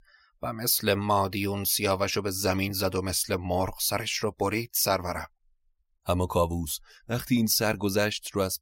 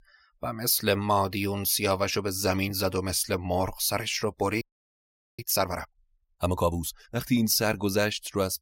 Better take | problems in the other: first | audio freezing; at 4.5 s for 1 s

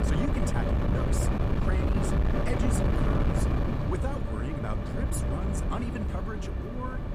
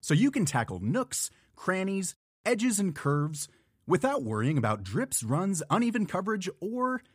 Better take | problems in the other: second | wind noise on the microphone; heavy; 4 dB above the speech

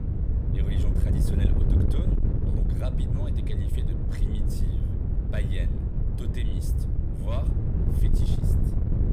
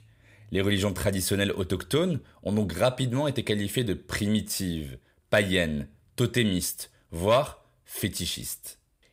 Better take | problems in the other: second | wind noise on the microphone; heavy; 4 dB above the speech

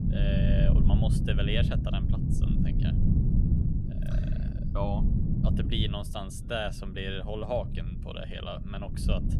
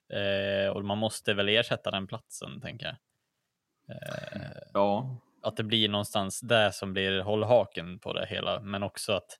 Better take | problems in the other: second | low rumble; loud; throughout; 4 dB below the speech

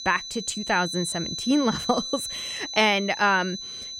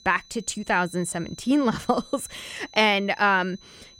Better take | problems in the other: second | high-pitched whine; loud; throughout; 4 kHz, 7 dB below the speech; faint in the second

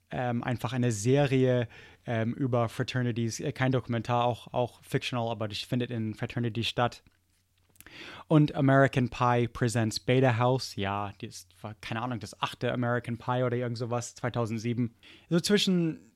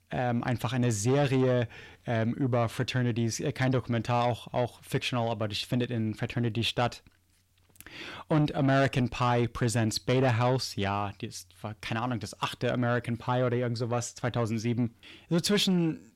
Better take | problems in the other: first | distortion; slight; 10 dB below the speech

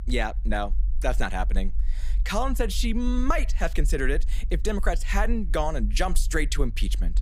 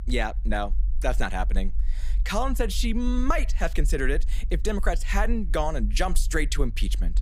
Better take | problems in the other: neither | low rumble; faint; throughout; 25 dB below the speech; the same in both

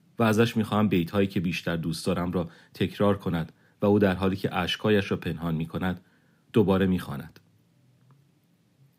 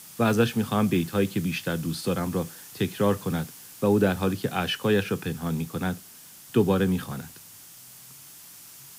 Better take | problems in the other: first | hiss; noticeable; throughout; 15 dB below the speech

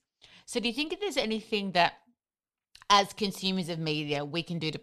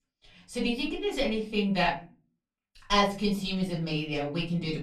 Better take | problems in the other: first | off-mic speech; far // room echo; slight; dies away in 0.4 s

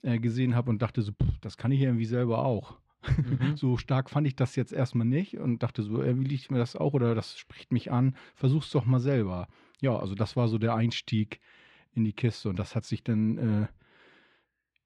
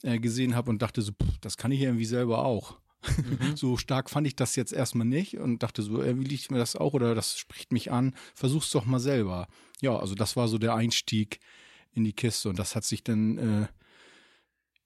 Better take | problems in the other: second | muffled; slightly; fading above 3 kHz

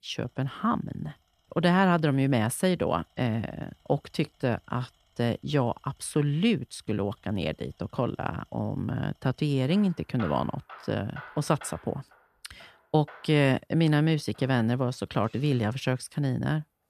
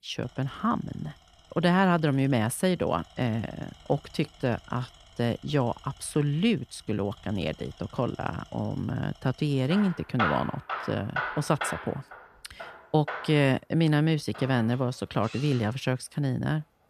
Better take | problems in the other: first | machinery noise; loud; throughout; 8 dB below the speech; faint in the first

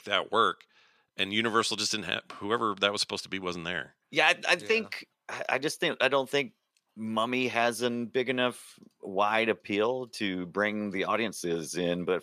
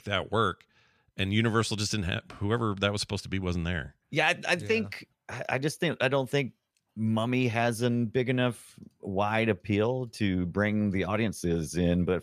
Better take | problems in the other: second | thin; somewhat; fading below 300 Hz

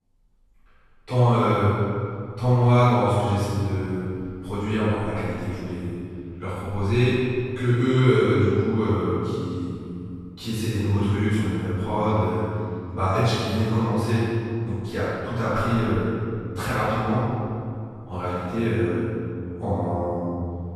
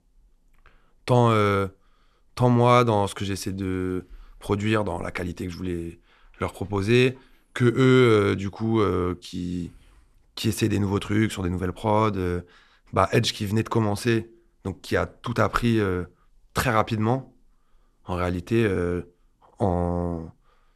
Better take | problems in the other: second | room echo; strong; dies away in 2.3 s // off-mic speech; far

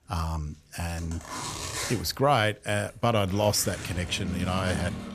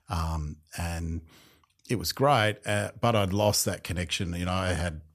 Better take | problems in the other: second | household noises; loud; throughout; 8 dB below the speech

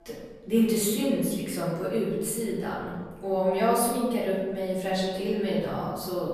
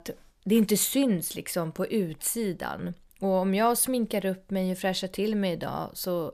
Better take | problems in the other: second | room echo; noticeable; dies away in 1.2 s // off-mic speech; far

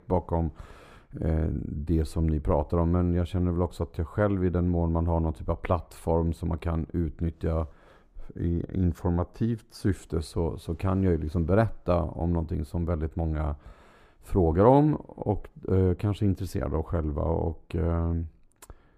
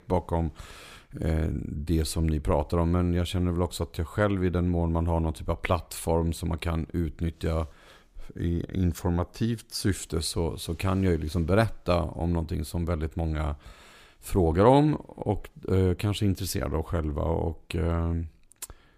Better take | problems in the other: second | muffled; slightly; fading above 2 kHz

